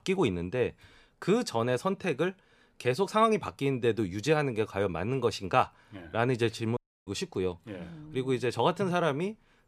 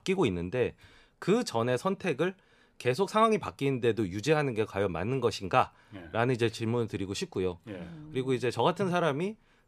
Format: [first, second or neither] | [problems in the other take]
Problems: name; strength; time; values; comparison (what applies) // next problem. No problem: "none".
second | audio cutting out; at 7 s